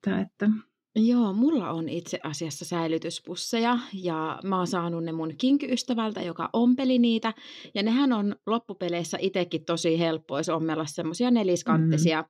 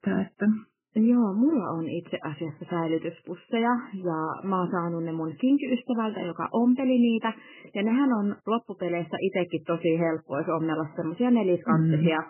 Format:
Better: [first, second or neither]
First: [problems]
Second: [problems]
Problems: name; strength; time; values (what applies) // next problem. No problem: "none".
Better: first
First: none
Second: garbled, watery; badly; nothing above 3 kHz